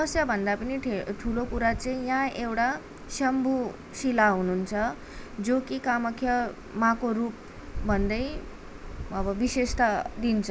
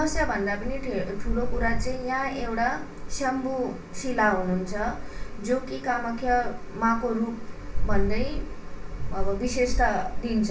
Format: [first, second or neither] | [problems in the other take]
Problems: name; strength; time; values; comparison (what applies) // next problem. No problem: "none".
first | room echo; dies away in 0.3 s